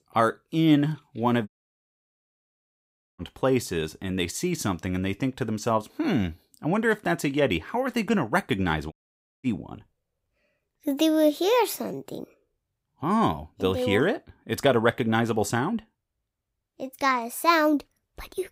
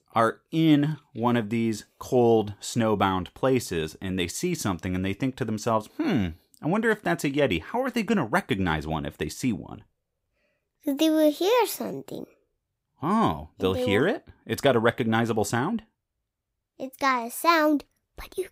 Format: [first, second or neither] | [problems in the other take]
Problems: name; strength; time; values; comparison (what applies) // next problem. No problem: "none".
second | audio cutting out; at 1.5 s for 1.5 s and at 9 s for 0.5 s